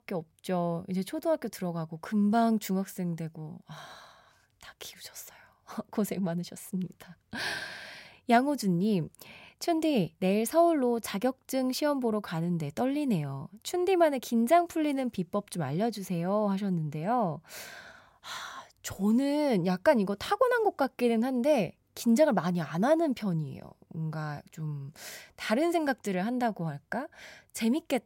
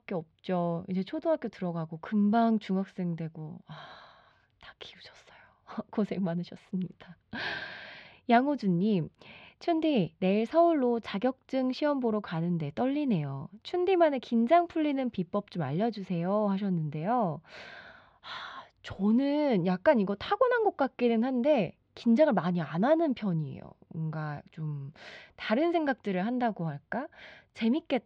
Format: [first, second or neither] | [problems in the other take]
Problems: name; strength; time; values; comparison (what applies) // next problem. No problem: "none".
first | muffled; slightly; fading above 3.5 kHz